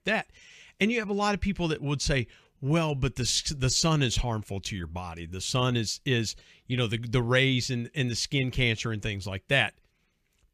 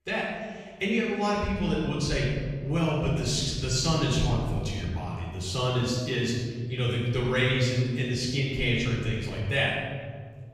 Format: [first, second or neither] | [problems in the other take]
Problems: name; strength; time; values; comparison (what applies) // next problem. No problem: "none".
first | off-mic speech; far // room echo; noticeable; dies away in 1.7 s